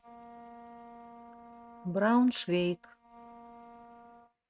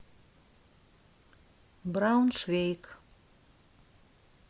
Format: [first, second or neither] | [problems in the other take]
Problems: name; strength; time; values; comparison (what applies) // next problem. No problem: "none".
second | noise reduction (neural mask model RNNoise)